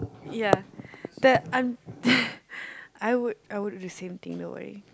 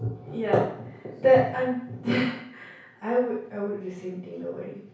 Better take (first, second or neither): first